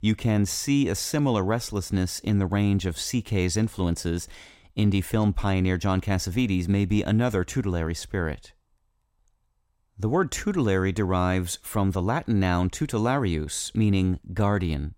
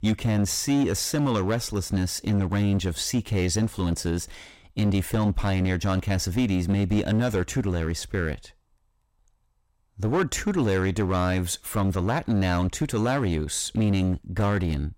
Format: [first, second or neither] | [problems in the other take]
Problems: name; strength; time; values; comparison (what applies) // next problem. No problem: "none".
first | distortion; slight; 8% of the sound clipped